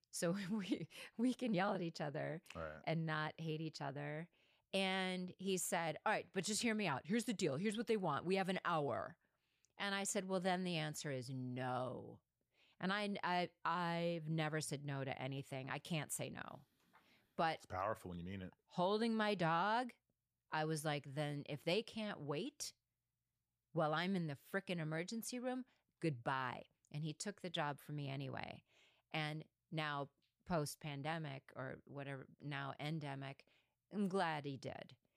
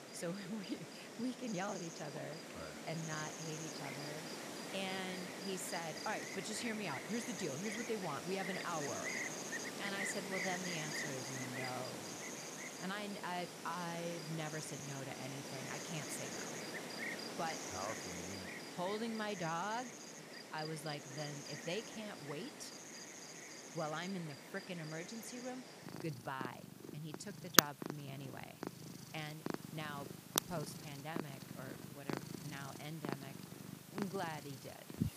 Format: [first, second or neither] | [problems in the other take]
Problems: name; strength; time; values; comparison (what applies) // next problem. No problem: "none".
first | animal sounds; very loud; throughout; 1 dB above the speech